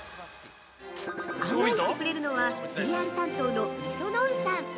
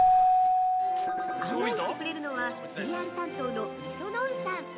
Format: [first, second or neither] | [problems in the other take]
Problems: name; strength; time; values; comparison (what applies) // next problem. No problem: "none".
first | background sound (Keyboard (musical)); 5 dB above the speech